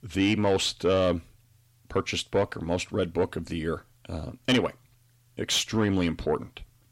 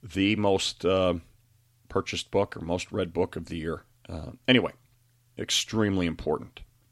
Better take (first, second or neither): second